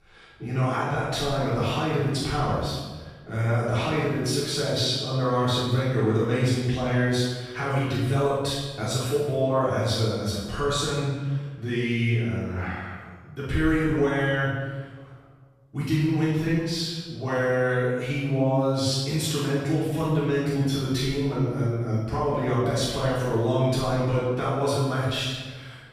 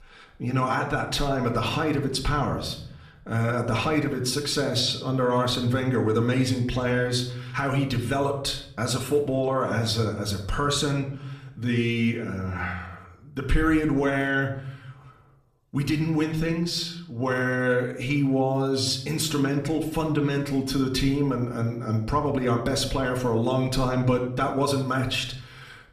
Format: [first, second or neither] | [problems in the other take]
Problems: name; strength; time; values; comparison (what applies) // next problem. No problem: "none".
second | room echo; strong; dies away in 1.1 s; slight in the second // off-mic speech; far; far in the second